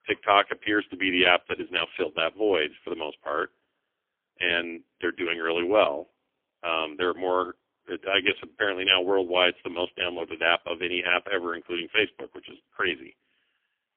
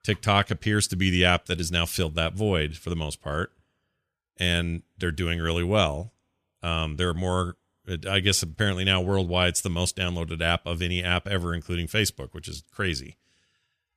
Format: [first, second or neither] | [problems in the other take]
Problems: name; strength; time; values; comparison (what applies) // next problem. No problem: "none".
second | phone-call audio; poor line; nothing above 3.5 kHz